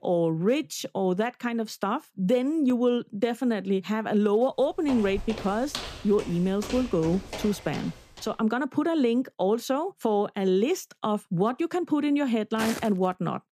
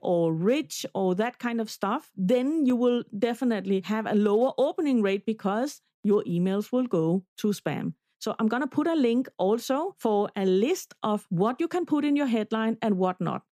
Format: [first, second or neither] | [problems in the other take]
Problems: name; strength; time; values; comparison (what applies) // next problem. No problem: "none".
second | footsteps; noticeable; from 5 to 8.5 s and at 13 s; peak 7 dB below the speech